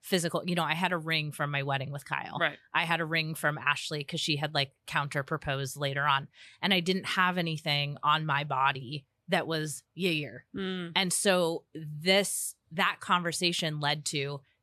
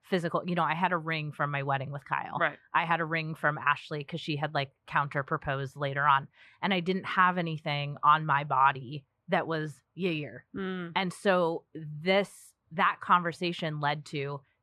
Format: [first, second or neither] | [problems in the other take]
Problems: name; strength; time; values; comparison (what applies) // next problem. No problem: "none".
first | muffled; very; fading above 3.5 kHz